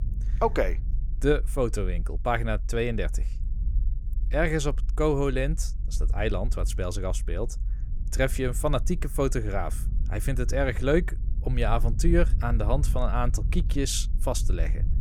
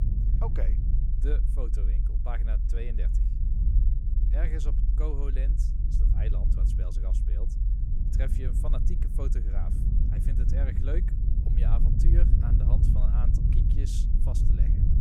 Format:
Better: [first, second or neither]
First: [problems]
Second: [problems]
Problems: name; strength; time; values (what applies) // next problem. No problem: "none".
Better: first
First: low rumble; faint; throughout; 20 dB below the speech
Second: low rumble; loud; throughout; 1 dB below the speech